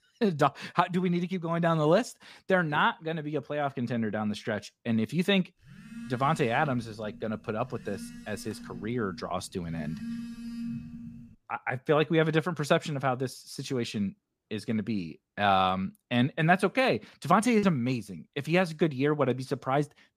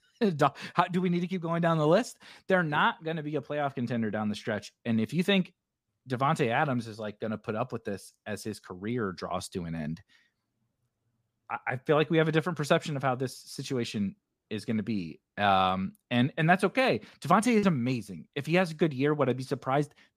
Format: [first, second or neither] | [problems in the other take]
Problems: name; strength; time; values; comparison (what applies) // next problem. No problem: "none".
second | phone ringing; noticeable; from 5.5 to 11 s; peak 8 dB below the speech